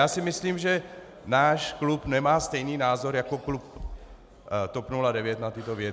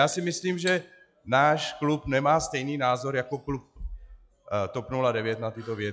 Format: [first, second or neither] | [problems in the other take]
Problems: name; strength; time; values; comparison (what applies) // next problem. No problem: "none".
first | noise reduction (classical method log-MMSE)